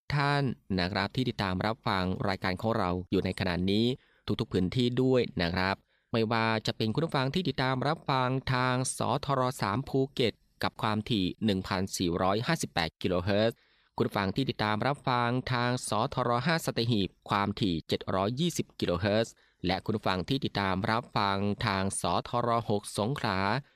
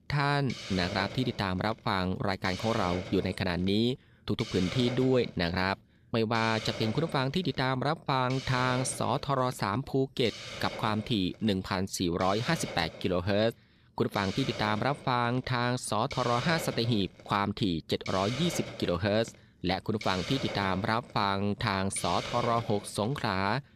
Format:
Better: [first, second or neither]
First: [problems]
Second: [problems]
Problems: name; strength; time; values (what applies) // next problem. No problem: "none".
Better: first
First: none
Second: hiss; noticeable; throughout; 10 dB below the speech